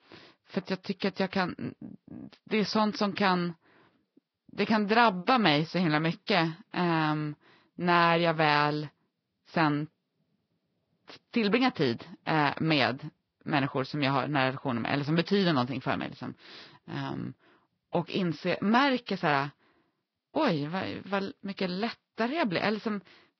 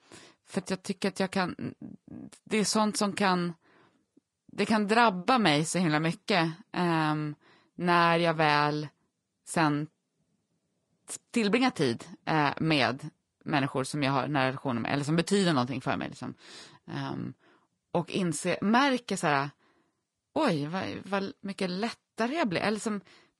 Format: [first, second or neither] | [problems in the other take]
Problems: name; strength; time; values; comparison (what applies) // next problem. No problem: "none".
second | garbled, watery; badly; nothing above 5.5 kHz; slightly in the second